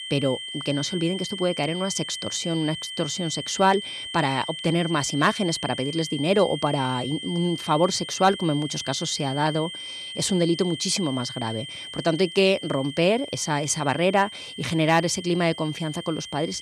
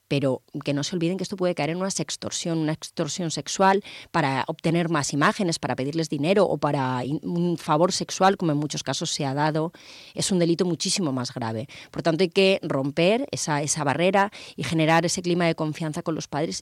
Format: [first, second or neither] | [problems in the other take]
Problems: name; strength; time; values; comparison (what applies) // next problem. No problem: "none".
second | high-pitched whine; loud; throughout; 3 kHz, 9 dB below the speech